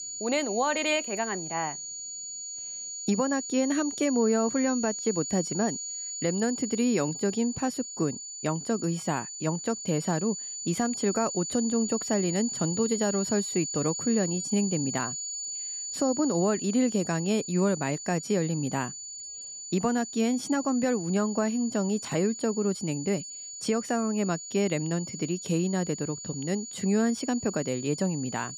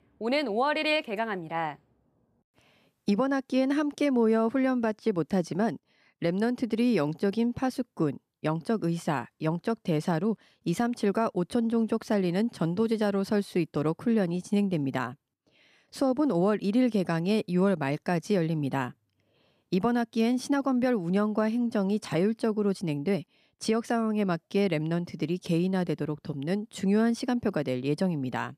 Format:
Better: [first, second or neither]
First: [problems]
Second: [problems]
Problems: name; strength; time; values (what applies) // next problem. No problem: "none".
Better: second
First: high-pitched whine; loud; throughout; 7 kHz, 6 dB below the speech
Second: none